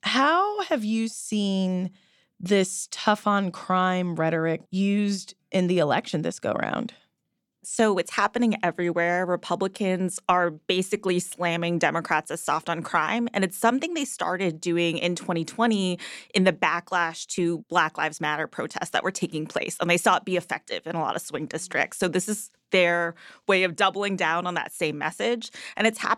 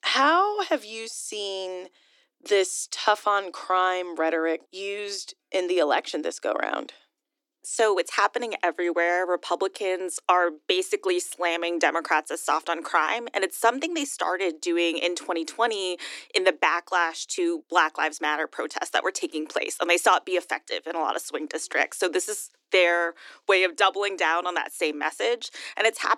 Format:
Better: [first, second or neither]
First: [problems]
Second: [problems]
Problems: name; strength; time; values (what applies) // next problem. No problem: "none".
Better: first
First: none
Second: thin; very; fading below 300 Hz